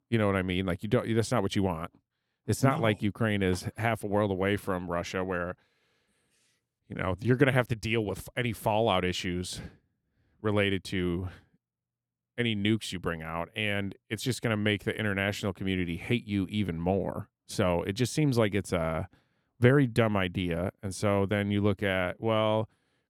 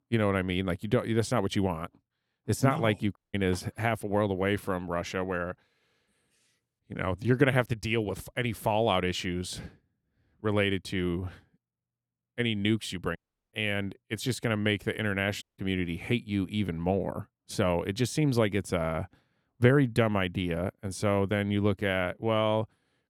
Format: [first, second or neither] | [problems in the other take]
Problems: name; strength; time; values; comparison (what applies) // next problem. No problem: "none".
first | audio cutting out; at 3 s, at 13 s and at 15 s